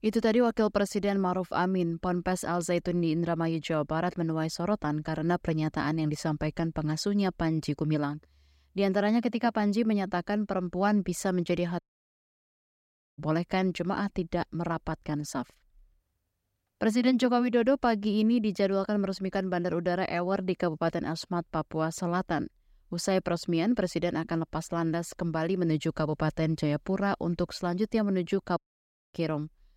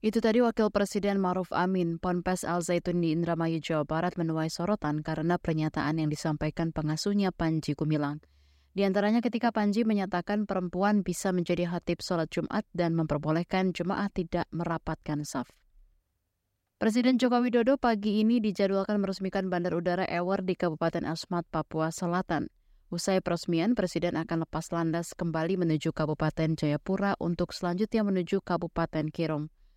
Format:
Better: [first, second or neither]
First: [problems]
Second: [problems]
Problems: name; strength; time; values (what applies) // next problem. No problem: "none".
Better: second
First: audio cutting out; at 12 s for 1.5 s and at 29 s for 0.5 s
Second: none